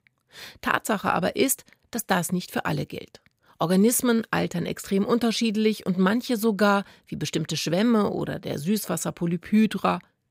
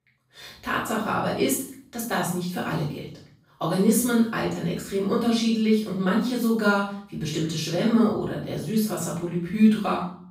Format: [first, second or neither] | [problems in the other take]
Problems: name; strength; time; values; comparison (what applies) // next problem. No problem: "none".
first | room echo; noticeable; dies away in 0.5 s // off-mic speech; far